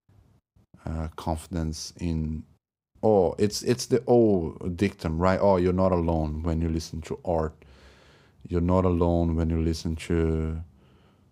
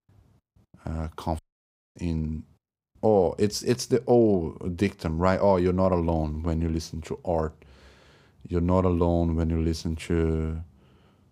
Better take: first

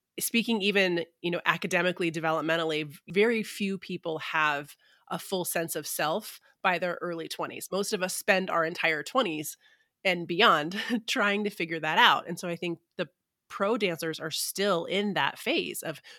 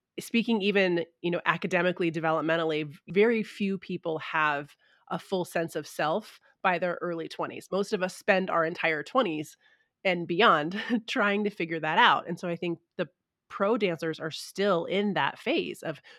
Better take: first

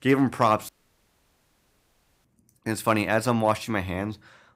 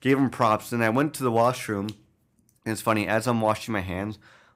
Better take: second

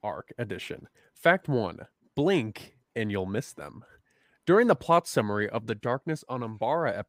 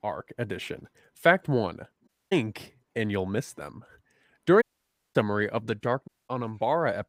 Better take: first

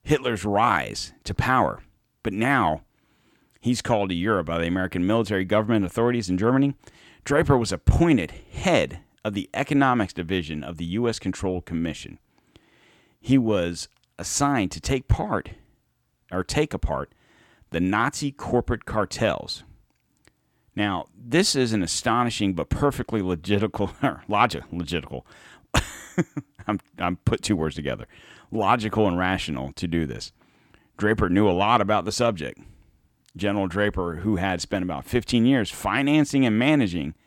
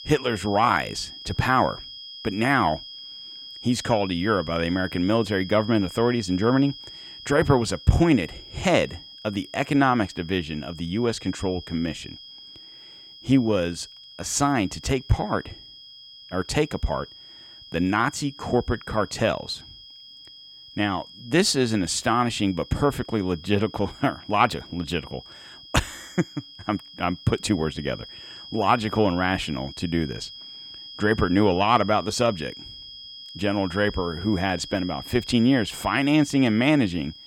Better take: first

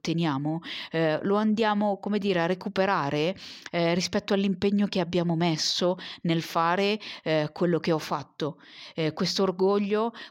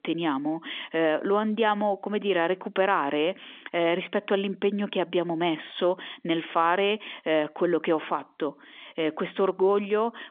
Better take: first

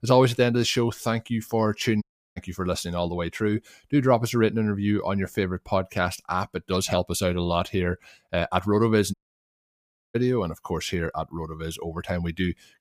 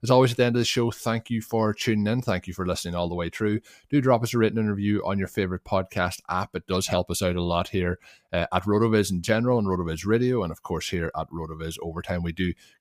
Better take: second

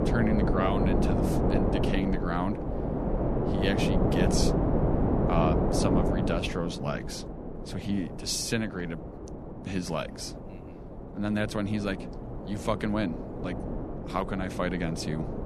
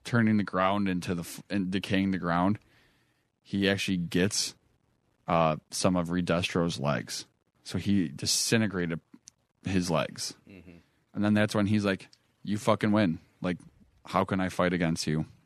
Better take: second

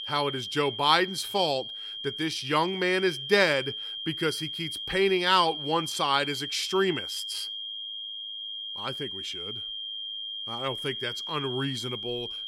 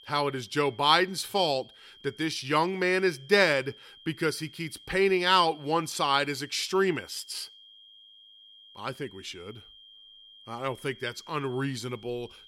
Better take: second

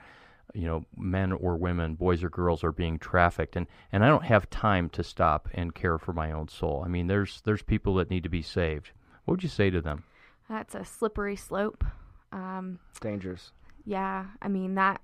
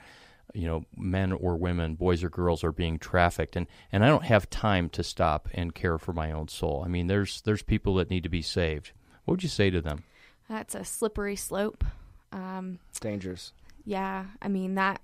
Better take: second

